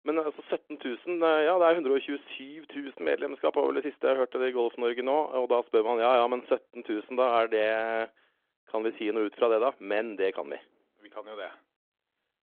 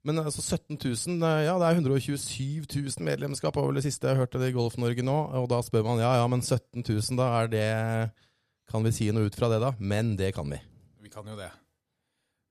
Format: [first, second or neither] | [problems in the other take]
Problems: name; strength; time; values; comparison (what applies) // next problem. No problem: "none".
second | phone-call audio